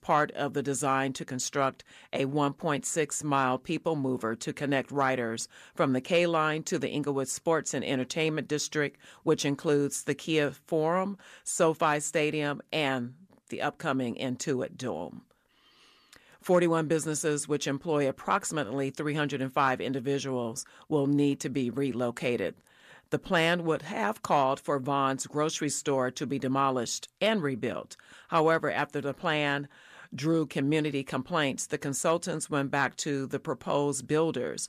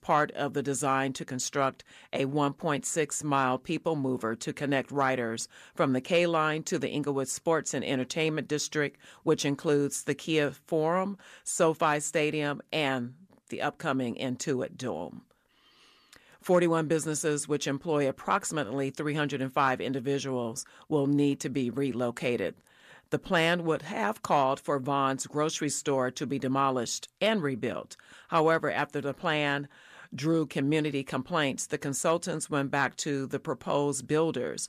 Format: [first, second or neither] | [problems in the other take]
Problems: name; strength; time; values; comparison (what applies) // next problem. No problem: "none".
neither | none